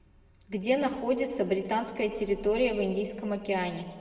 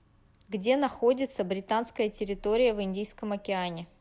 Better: second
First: room echo; dies away in 1.4 s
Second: none

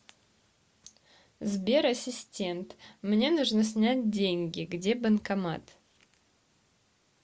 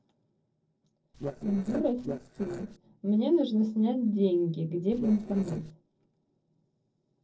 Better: first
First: none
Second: noise reduction (neural separator model SepFormer DNS4)

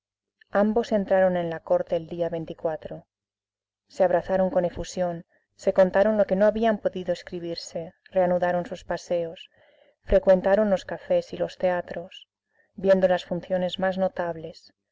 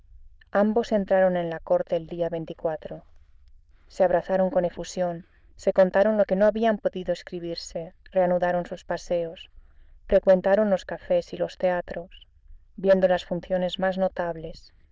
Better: first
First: none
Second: noise reduction (neural diffusion model UNIVERSE++)

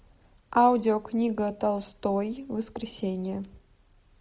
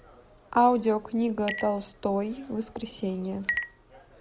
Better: first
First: none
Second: background sound (Chink, clink); 12 dB below the speech

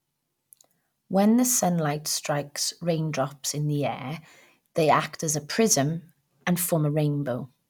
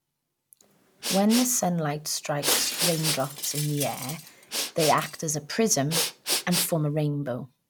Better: first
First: none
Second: background sound (Shatter + Respiratory sounds); 4 dB below the speech

